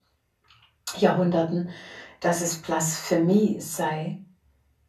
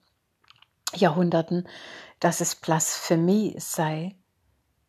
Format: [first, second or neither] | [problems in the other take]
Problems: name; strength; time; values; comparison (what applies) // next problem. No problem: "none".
second | off-mic speech; far // room echo; very slight; dies away in 0.3 s